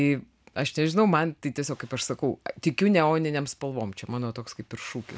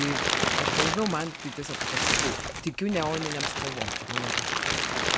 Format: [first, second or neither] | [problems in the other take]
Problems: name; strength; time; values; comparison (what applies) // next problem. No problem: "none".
first | background sound (Crumpling, crinkling); 4 dB above the speech